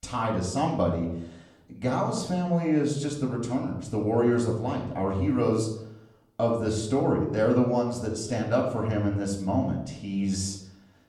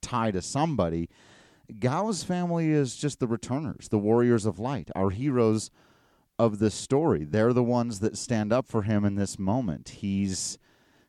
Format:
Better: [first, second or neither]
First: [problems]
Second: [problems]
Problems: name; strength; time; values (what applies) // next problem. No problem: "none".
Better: second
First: off-mic speech; somewhat distant // room echo; slight; dies away in 0.6 s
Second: none